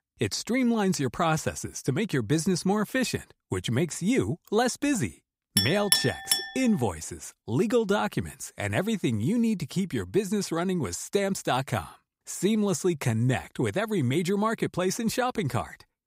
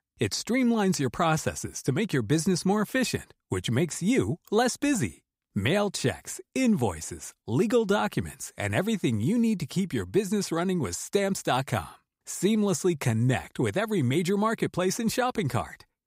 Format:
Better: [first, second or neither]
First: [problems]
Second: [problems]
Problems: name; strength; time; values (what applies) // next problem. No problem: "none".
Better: second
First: clattering dishes; loud; at 5.5 s; peak 4 dB above the speech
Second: none